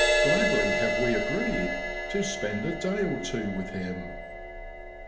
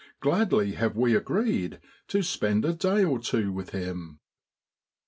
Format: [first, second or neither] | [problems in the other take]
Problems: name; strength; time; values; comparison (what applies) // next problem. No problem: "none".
second | background sound (Crash cymbal); 2 dB above the speech // room echo; dies away in 0.8 s